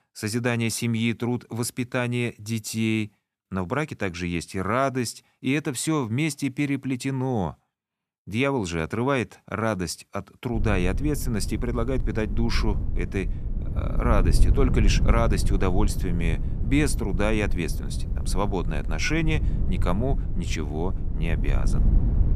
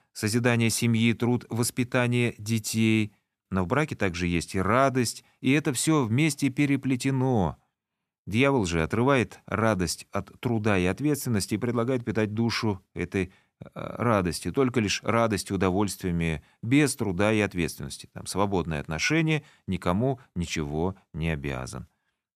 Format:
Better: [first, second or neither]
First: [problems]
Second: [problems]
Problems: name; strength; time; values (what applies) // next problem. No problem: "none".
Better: second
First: low rumble; noticeable; from 11 s on; 15 dB below the speech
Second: none